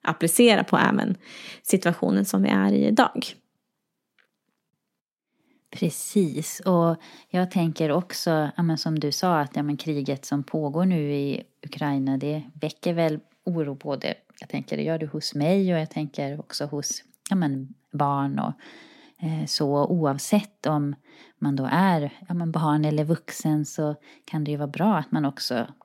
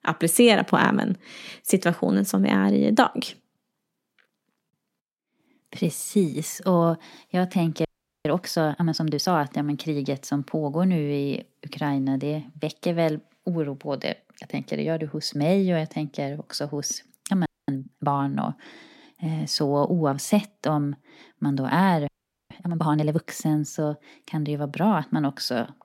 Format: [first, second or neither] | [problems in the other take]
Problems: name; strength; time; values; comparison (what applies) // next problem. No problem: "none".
first | audio freezing; at 8 s, at 17 s and at 22 s